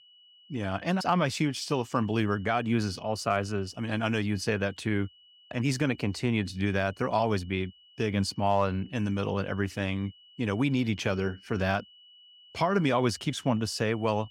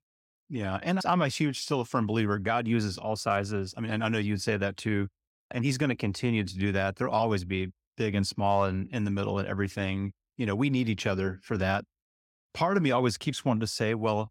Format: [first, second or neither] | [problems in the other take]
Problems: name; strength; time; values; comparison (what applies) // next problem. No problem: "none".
second | high-pitched whine; faint; throughout; 3 kHz, 25 dB below the speech